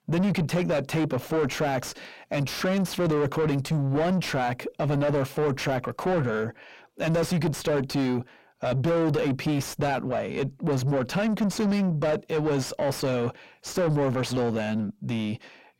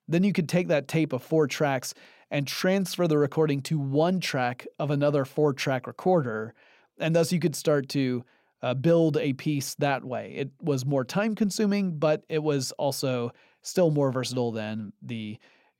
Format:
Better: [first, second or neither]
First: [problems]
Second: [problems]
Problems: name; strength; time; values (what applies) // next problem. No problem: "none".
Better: second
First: distortion; heavy; 7 dB below the speech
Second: none